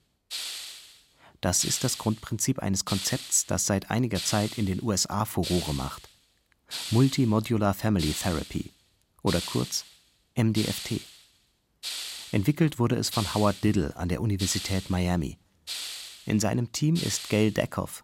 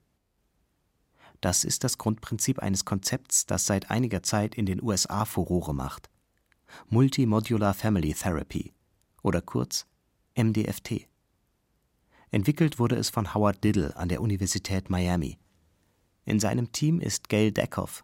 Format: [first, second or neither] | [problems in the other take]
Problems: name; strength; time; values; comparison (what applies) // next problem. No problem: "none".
second | hiss; loud; throughout; 9 dB below the speech